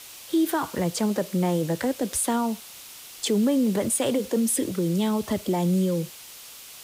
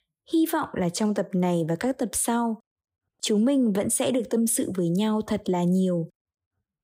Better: second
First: hiss; noticeable; throughout; 15 dB below the speech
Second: none

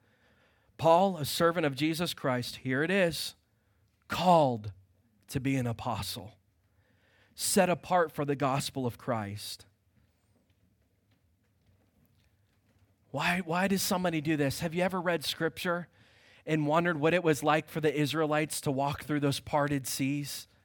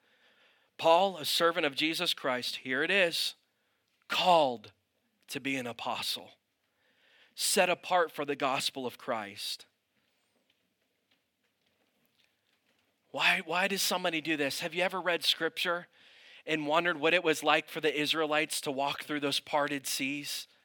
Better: first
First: none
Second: thin; very slightly; fading below 300 Hz

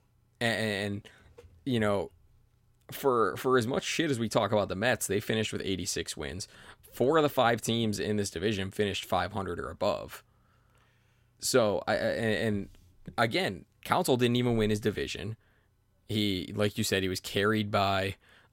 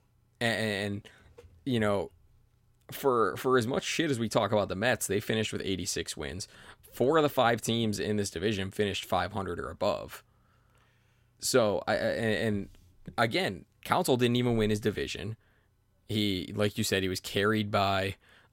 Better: neither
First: none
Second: none

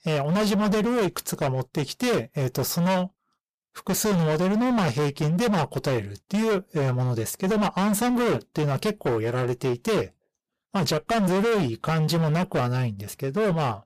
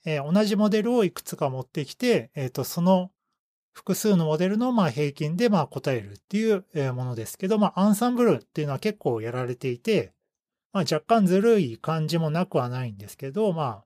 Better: second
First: distortion; heavy; 27% of the sound clipped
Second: none

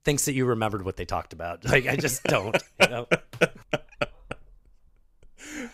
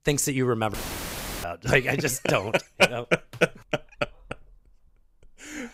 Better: first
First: none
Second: audio cutting out; filled with static; at 0.5 s for 0.5 s

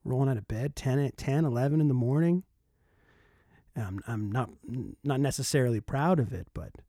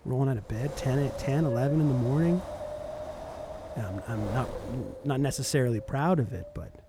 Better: first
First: none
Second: wind noise on the microphone; heavy; 6 dB below the speech

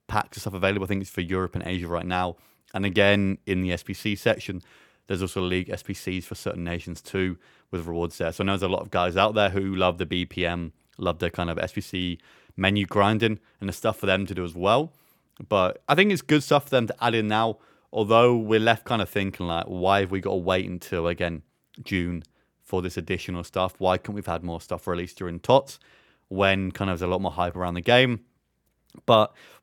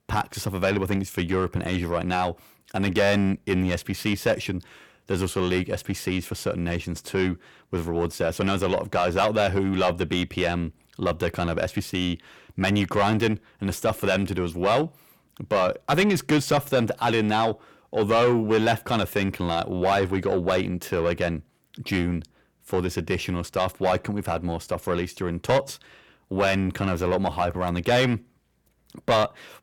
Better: first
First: none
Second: distortion; heavy; 7 dB below the speech

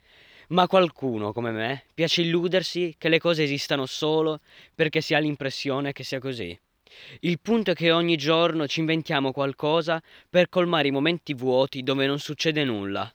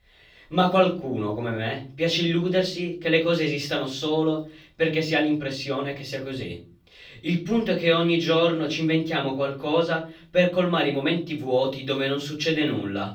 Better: first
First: none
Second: off-mic speech; far // room echo; very slight; dies away in 0.3 s

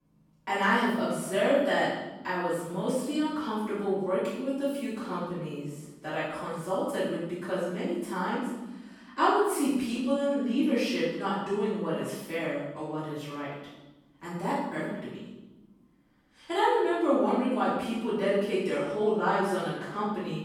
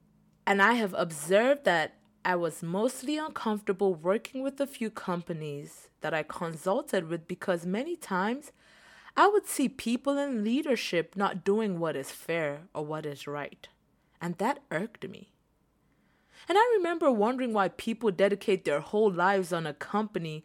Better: second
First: off-mic speech; far // room echo; strong; dies away in 0.9 s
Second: none

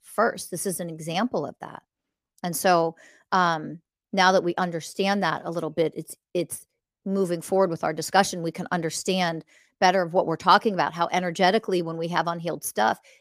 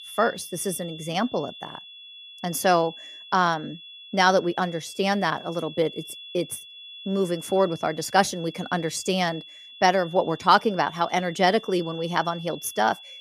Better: first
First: none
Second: high-pitched whine; noticeable; throughout; 3.5 kHz, 15 dB below the speech

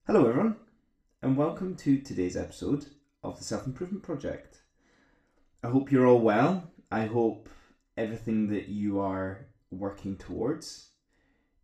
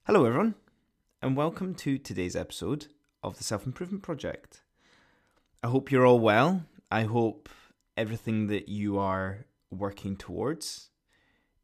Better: second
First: room echo; slight; dies away in 0.4 s // off-mic speech; somewhat distant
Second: none

